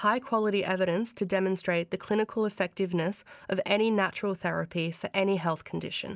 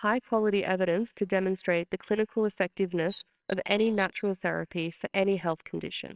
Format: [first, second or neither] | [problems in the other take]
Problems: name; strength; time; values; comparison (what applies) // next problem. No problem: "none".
first | noise reduction (neural separator model SepFormer WHAMR!)